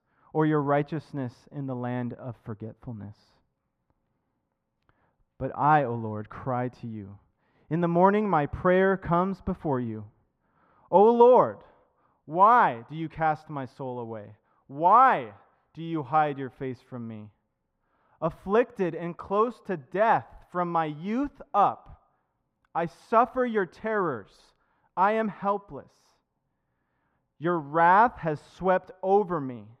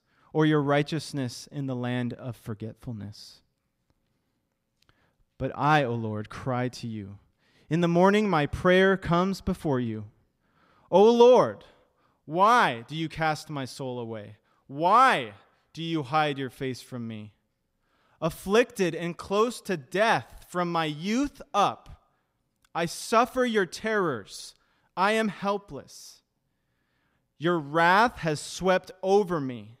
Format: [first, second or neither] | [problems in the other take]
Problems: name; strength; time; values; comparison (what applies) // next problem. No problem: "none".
second | muffled; very; fading above 3 kHz